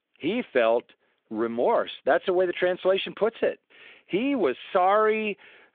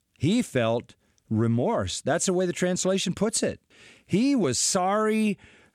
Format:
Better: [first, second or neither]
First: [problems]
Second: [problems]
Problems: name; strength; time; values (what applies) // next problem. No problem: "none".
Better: second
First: phone-call audio; nothing above 3.5 kHz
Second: none